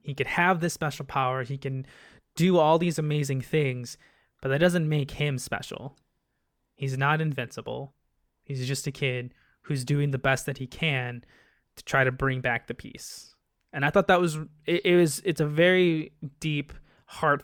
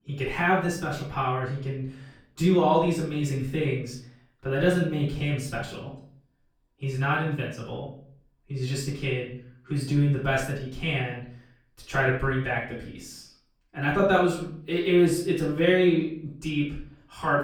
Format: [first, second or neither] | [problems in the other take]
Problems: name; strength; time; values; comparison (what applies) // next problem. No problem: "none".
first | off-mic speech; far // room echo; noticeable; dies away in 0.5 s